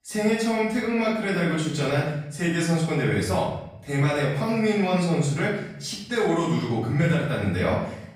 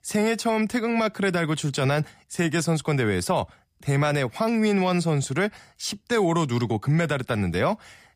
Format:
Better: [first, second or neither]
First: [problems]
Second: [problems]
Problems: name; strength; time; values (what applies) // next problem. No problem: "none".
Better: second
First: off-mic speech; far // room echo; noticeable; dies away in 0.7 s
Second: none